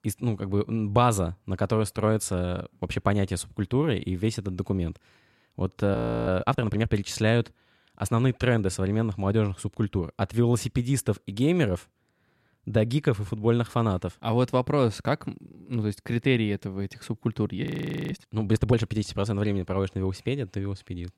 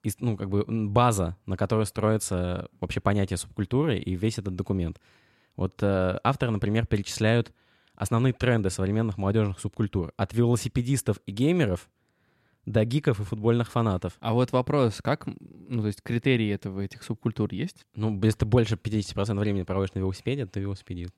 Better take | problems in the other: second | audio freezing; at 6 s and at 18 s

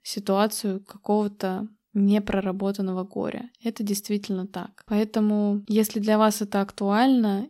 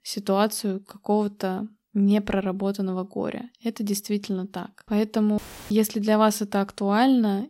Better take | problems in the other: first | audio cutting out; filled with static; at 5.5 s

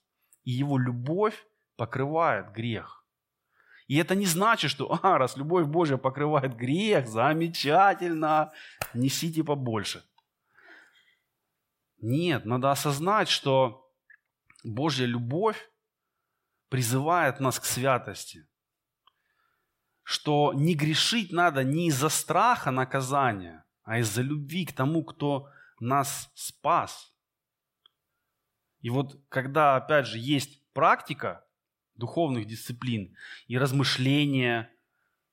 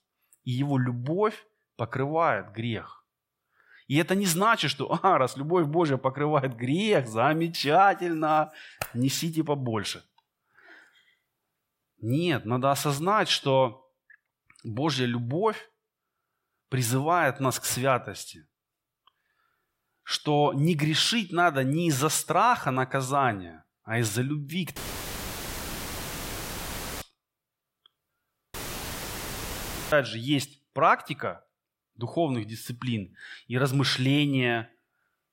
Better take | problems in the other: first | audio cutting out; filled with static; at 25 s for 2.5 s and at 29 s for 1.5 s

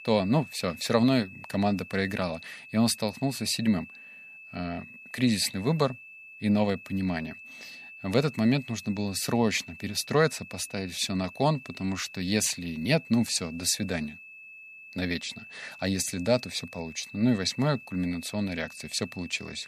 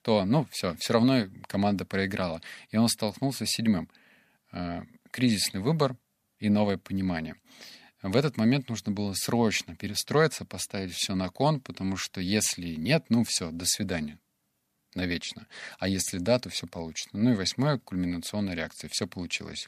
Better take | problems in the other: second | high-pitched whine; noticeable; throughout; 2.5 kHz, 15 dB below the speech

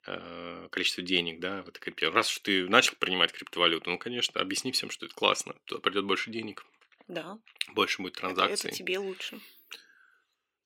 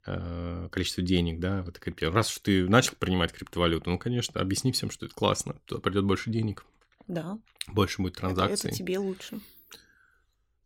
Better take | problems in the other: second | thin; somewhat; fading below 350 Hz

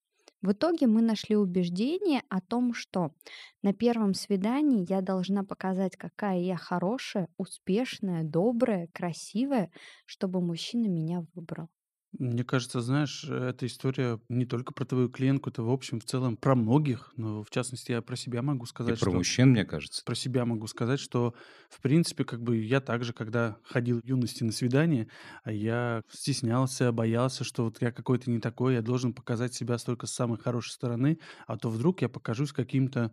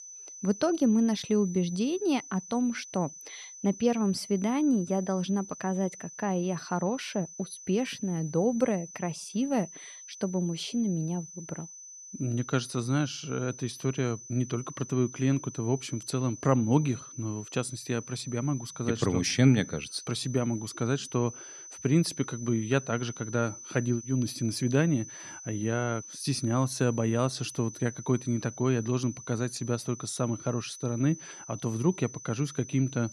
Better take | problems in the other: first | high-pitched whine; noticeable; throughout; 6 kHz, 15 dB below the speech

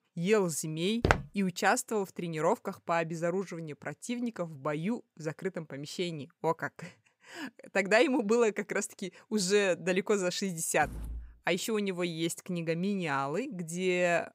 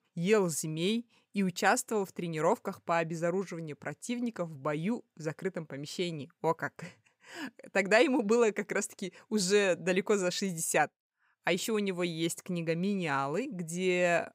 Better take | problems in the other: second | footsteps; loud; at 1 s; peak 2 dB above the speech // door banging; faint; at 11 s; peak 10 dB below the speech

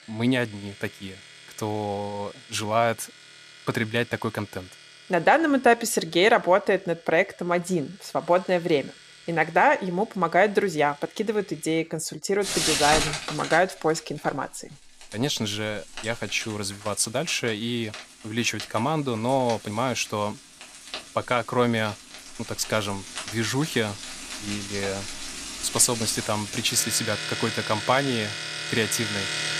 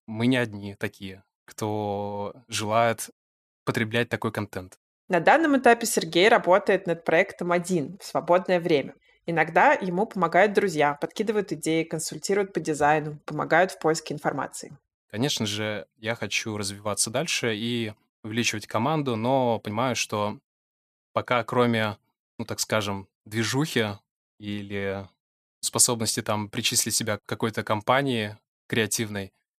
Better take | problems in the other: second | household noises; loud; throughout; 7 dB below the speech

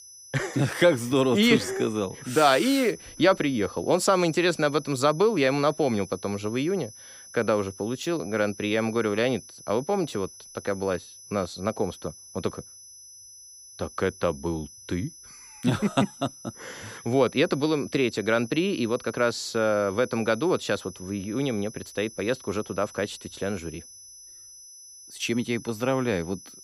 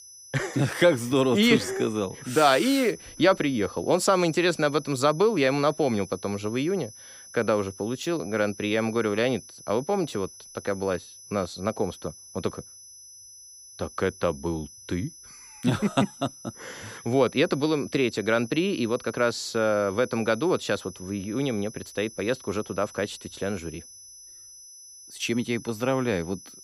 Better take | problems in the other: neither | high-pitched whine; noticeable; throughout; 6 kHz, 20 dB below the speech; the same in both

